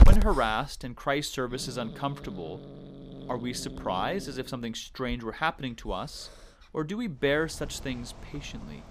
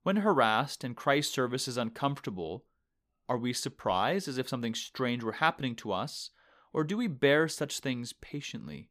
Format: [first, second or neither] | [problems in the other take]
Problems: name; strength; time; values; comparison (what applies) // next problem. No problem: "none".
second | animal sounds; loud; throughout; 5 dB below the speech